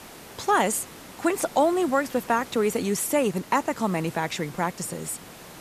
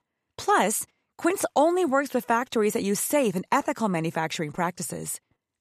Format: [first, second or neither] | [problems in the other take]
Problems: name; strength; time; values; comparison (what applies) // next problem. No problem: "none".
second | hiss; noticeable; throughout; 20 dB below the speech